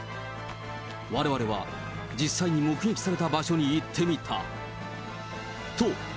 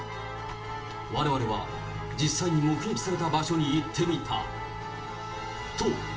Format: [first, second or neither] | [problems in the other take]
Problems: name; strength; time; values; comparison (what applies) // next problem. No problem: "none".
first | background sound (Wind instrument, woodwind instrument); 15 dB below the speech // room echo; dies away in 0.4 s